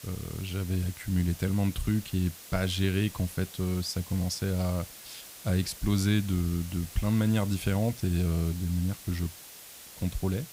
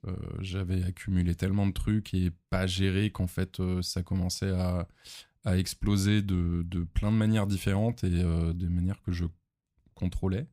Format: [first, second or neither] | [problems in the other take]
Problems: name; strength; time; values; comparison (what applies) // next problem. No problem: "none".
second | hiss; noticeable; throughout; 15 dB below the speech